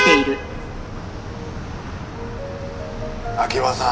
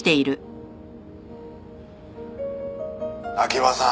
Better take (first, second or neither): second